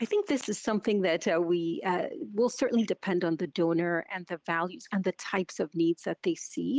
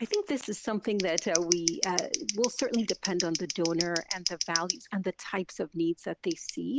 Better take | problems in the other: first | background sound (Scissors); 5 dB below the speech

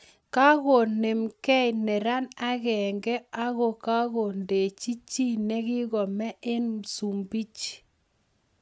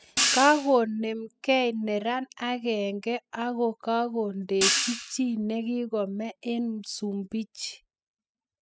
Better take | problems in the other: first | noise reduction (classical method spectral subtraction)

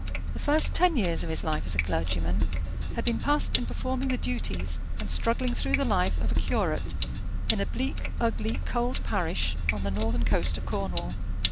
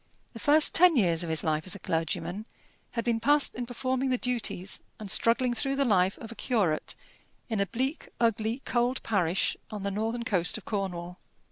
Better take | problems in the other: second | background sound (Sink (filling or washing)); 4 dB above the speech

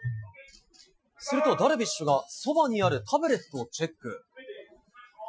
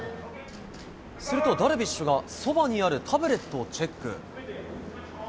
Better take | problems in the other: second | noise reduction (classical method Wiener filter)

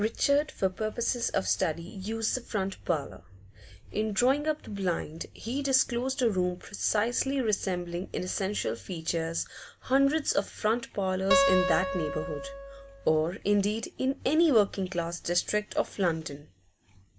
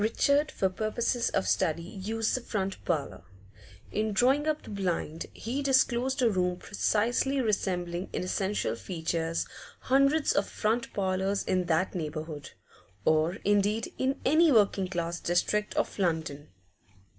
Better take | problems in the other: second | background sound (Acoustic guitar); 2 dB below the speech

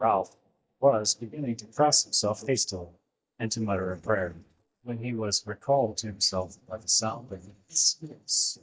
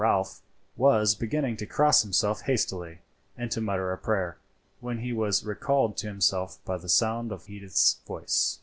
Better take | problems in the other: second | noise reduction (neural mask model DeepFilterNet 3)

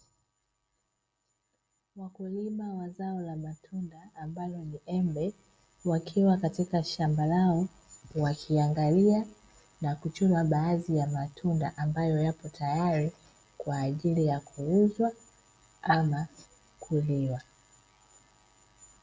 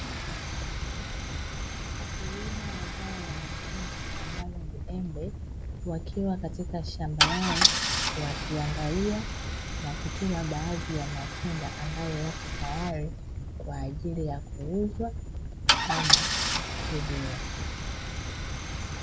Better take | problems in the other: first | background sound (Idling / Engine starting / Car + Animal); 4 dB above the speech

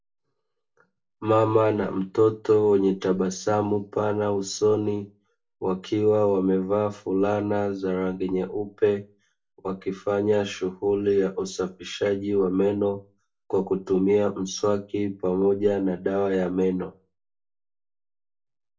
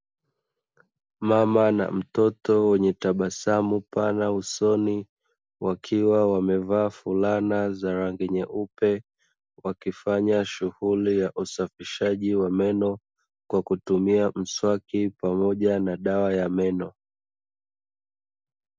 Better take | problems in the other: second | room echo; dies away in 0.2 s

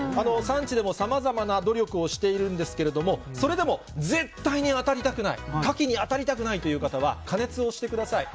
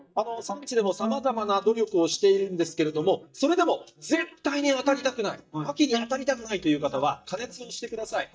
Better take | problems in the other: first | noise reduction (neural mask model DeepFilterNet 3)

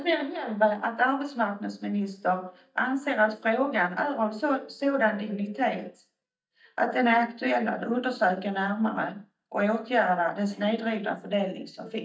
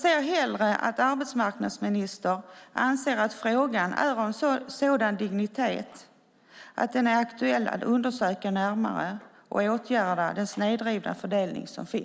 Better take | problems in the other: second | noise reduction (neural mask model DeepFilterNet 3)

